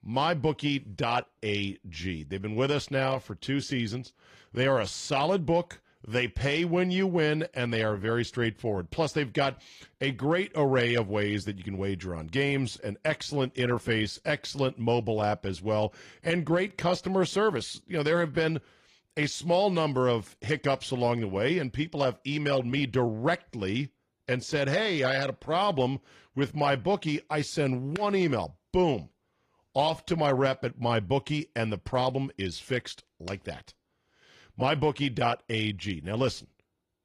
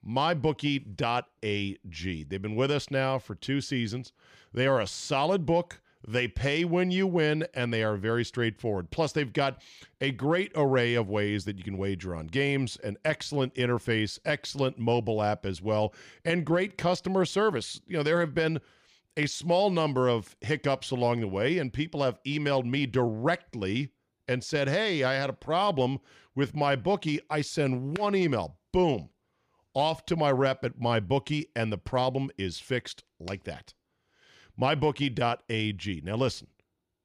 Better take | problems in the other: second | garbled, watery; slightly; nothing above 15 kHz

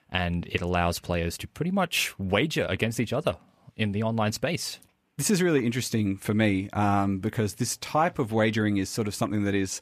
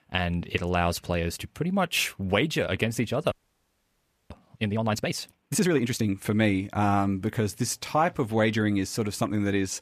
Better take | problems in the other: first | audio freezing; at 3.5 s for 1 s

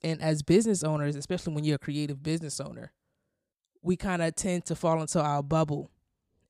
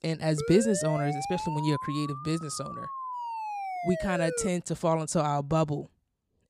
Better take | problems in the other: first | siren; noticeable; until 4.5 s; peak 5 dB below the speech

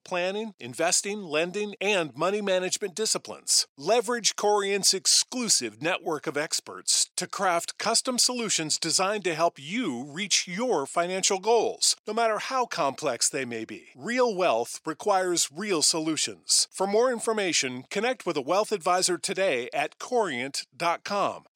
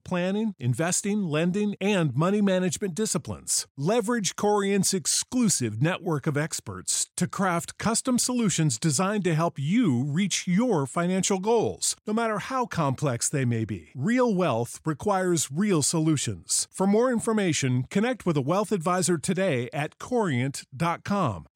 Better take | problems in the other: second | thin; somewhat; fading below 400 Hz

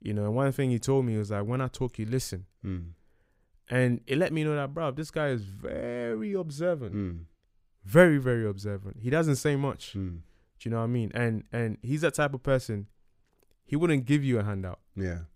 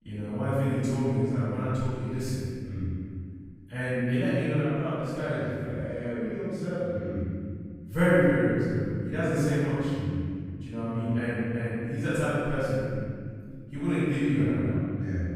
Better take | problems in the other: first | room echo; strong; dies away in 2.3 s // off-mic speech; far

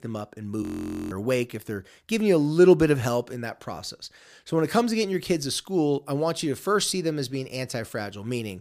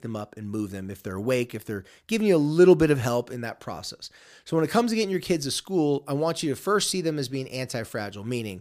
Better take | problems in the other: second | audio freezing; at 0.5 s

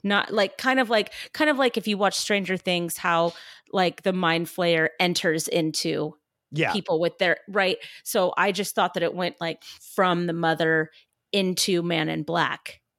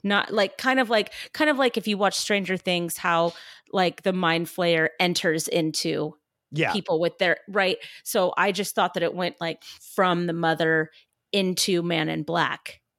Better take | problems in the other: neither | none

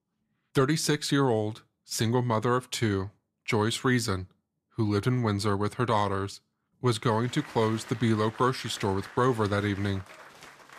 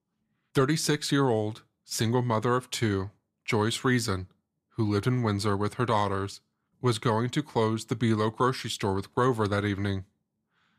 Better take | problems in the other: second | crowd noise; noticeable; from 7 s on; 20 dB below the speech

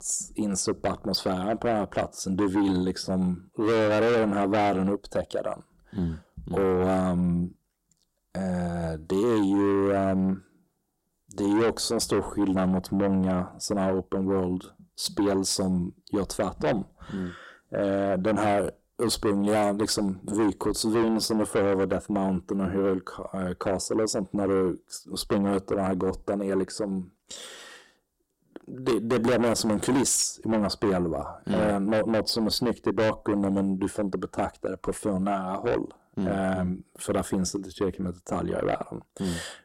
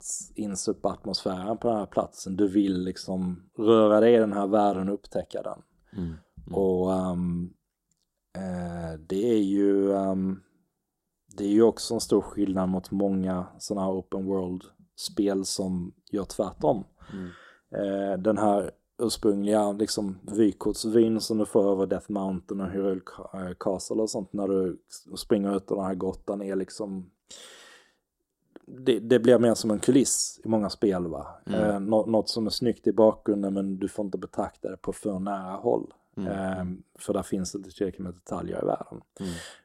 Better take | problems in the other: second | distortion; heavy; 6 dB below the speech

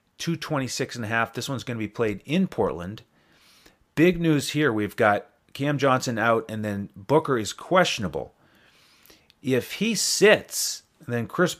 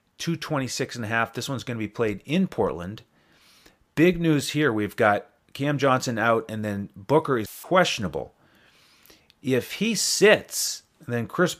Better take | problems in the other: first | audio cutting out; filled with static; at 7.5 s

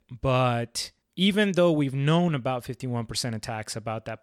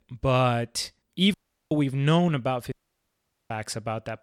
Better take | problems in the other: first | audio cutting out; at 1.5 s and at 2.5 s for 1 s

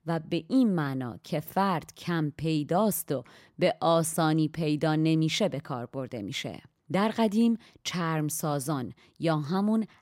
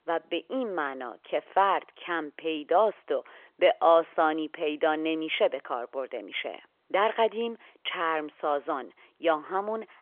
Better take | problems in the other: first | phone-call audio; nothing above 3.5 kHz

